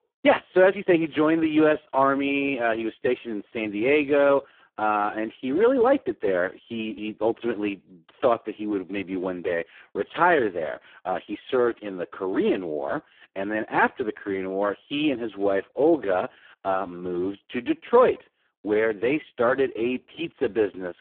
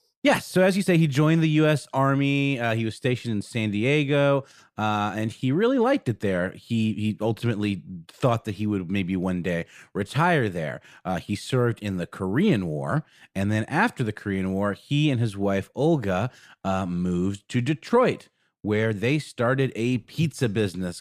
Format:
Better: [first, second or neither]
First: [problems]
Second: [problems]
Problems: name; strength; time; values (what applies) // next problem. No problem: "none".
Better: second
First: phone-call audio; poor line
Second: none